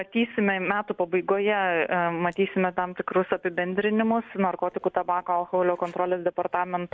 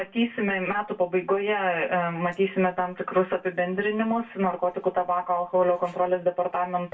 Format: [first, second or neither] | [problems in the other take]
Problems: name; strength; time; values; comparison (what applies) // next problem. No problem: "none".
first | room echo; dies away in 0.2 s